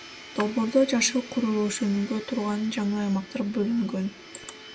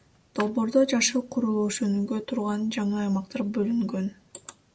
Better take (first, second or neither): second